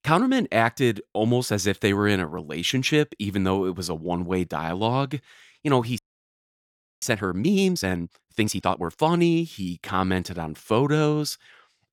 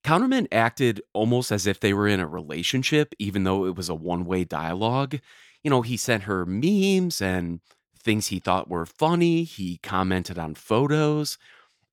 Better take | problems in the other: second | audio freezing; at 6 s for 1 s

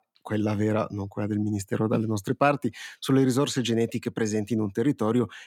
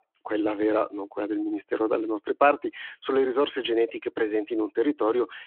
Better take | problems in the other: first | phone-call audio

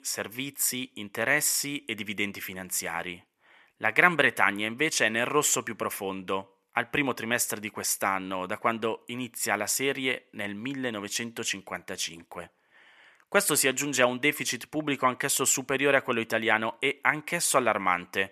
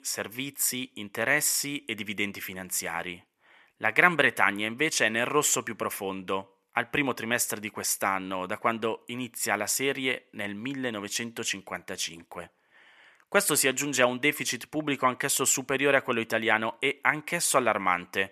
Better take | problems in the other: neither | thin; somewhat; fading below 750 Hz; the same in both

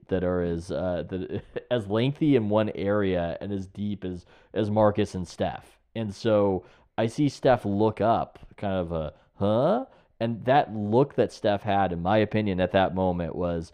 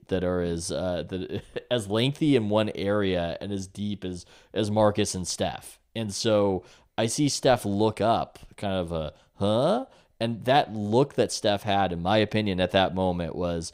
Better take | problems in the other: second | muffled; slightly; fading above 3.5 kHz

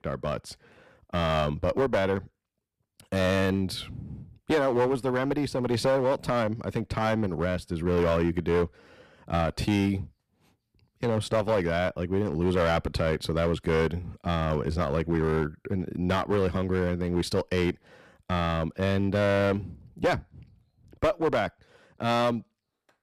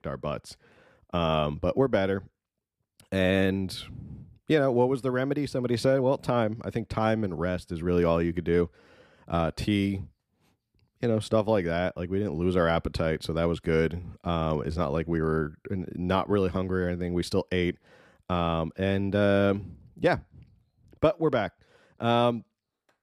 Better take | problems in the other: second | distortion; heavy; 7% of the sound clipped

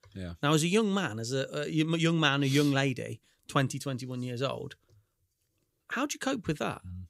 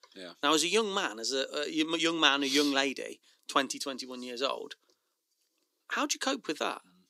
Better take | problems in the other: first | thin; somewhat; fading below 250 Hz

